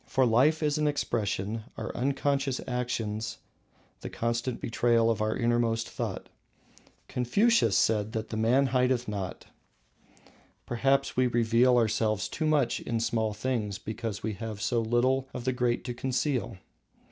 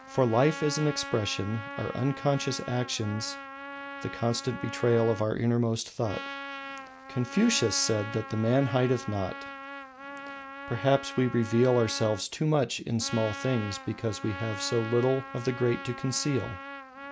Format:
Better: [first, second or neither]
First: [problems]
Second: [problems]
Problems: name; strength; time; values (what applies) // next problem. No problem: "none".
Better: first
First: none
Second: background sound (Trumpet); 12 dB below the speech